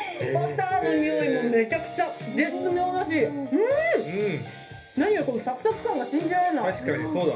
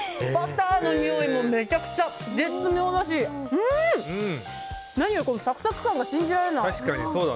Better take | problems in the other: second | room echo; dies away in 0.3 s

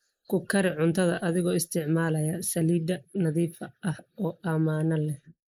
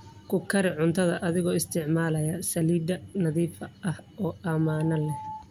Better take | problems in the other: second | noise reduction (neural mask model Resemble Enhance denoiser)

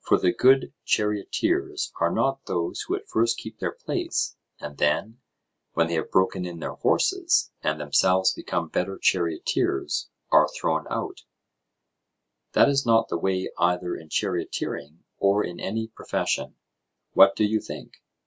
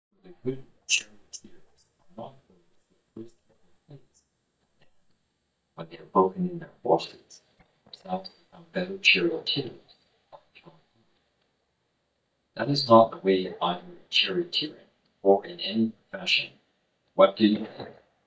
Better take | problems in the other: first | noise reduction (neural mask model DeepFilterNet 3)

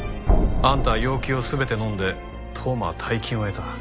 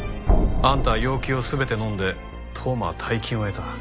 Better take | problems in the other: second | background sound (Bowed string instrument + Organ); 20 dB below the speech

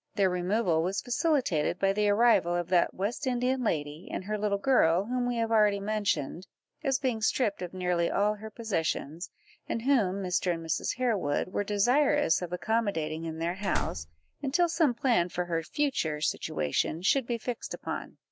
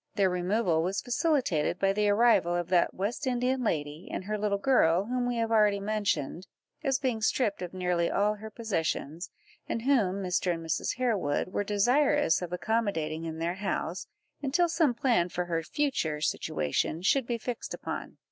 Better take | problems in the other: second | background sound (Slam); 5 dB below the speech

